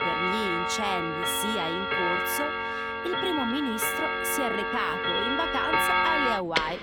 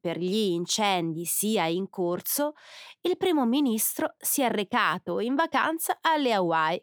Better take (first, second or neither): second